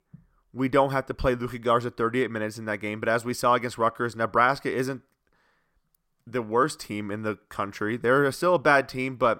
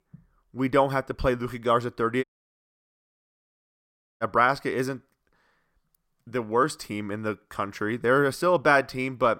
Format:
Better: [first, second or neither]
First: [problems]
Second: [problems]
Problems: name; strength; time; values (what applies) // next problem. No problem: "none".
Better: first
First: none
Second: audio cutting out; at 2 s for 2 s